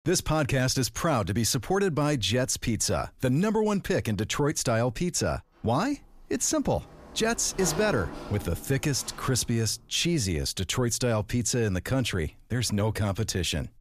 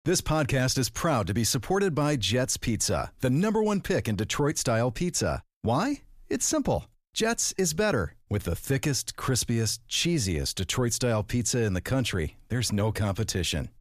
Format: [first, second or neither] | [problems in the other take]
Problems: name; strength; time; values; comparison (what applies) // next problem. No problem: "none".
second | door banging; noticeable; from 5.5 to 9.5 s; peak 8 dB below the speech